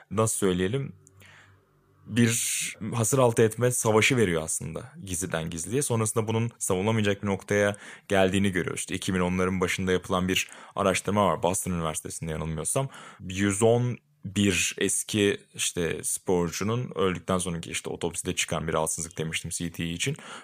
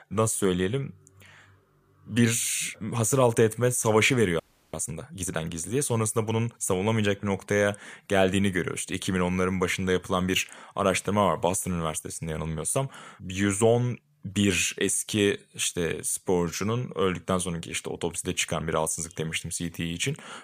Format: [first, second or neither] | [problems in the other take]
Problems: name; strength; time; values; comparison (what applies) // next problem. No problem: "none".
first | audio freezing; at 4.5 s